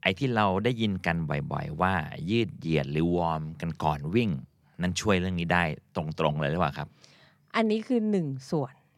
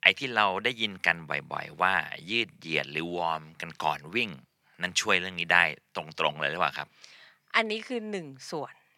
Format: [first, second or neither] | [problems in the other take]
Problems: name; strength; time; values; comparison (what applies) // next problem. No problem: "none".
first | thin; somewhat; fading below 1 kHz